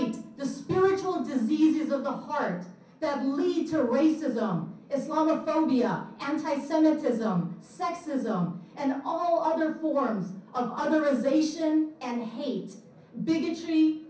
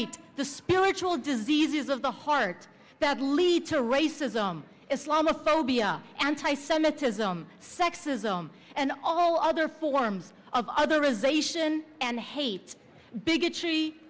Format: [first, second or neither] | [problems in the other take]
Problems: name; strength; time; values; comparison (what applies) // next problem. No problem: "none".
second | room echo; dies away in 0.6 s